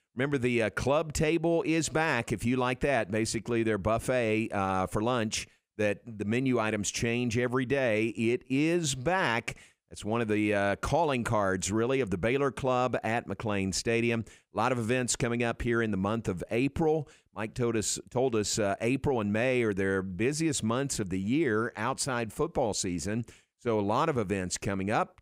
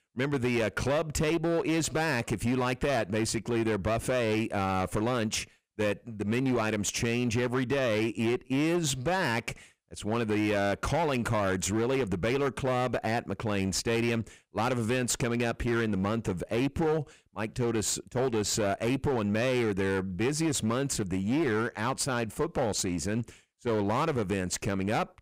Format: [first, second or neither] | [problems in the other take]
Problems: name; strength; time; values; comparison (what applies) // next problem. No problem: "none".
first | distortion; slight; 14% of the sound clipped